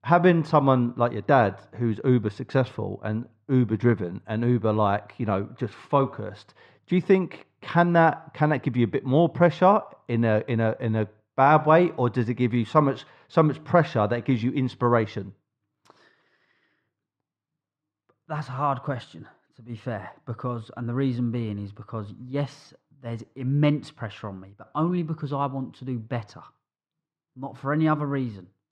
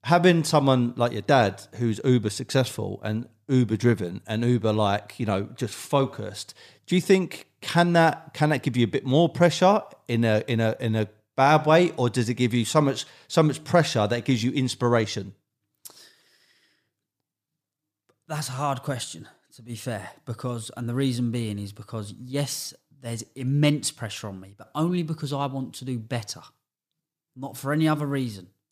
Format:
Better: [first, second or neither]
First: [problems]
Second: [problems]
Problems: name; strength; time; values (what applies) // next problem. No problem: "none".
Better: second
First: muffled; very; fading above 2 kHz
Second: none